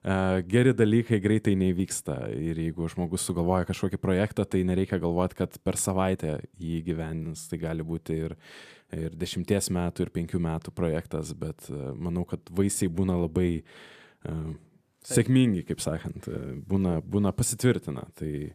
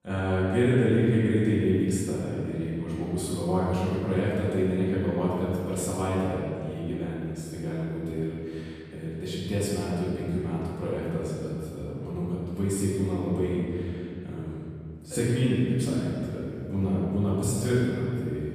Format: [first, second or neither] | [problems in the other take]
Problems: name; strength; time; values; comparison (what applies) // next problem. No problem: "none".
first | off-mic speech; far // room echo; strong; dies away in 2.2 s